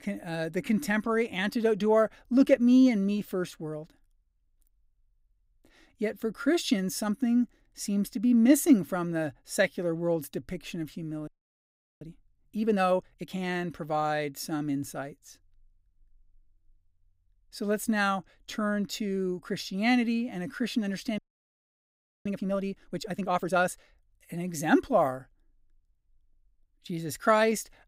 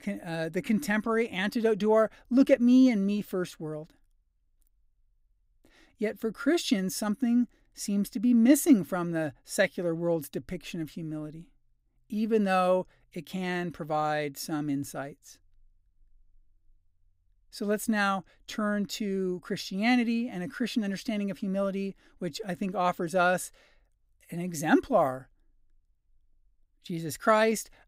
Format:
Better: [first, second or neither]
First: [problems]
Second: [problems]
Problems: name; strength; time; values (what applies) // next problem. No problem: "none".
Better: second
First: audio freezing; at 11 s for 0.5 s and at 21 s for 1 s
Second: none